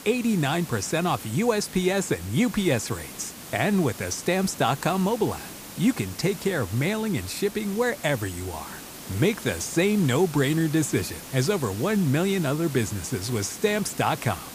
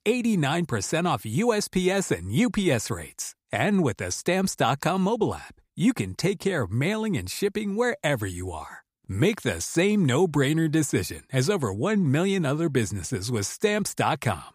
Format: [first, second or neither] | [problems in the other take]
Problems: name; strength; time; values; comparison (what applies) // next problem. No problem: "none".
second | hiss; noticeable; throughout; 15 dB below the speech